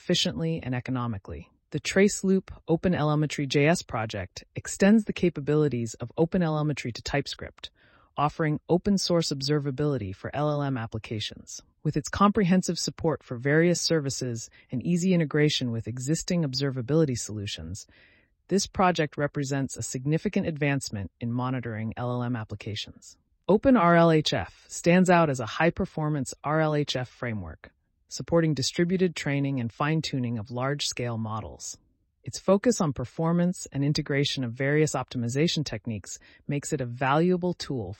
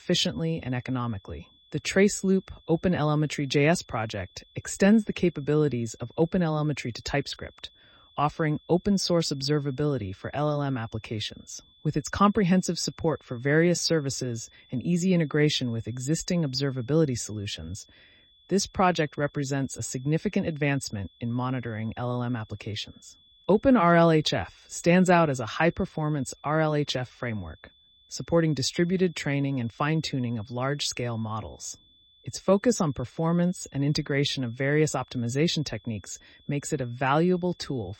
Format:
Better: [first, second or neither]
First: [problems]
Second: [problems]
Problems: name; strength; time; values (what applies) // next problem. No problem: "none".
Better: first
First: none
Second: high-pitched whine; faint; throughout; 3.5 kHz, 30 dB below the speech